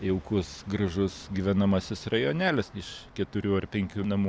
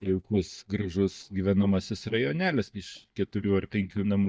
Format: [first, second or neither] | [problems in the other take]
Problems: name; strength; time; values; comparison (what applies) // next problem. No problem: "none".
first | noise reduction (neural mask model DeepFilterNet 3)